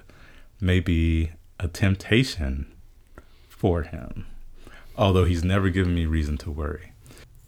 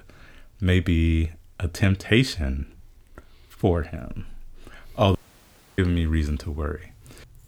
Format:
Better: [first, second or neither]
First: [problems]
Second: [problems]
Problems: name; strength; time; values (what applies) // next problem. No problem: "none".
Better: first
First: none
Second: audio cutting out; at 5 s for 0.5 s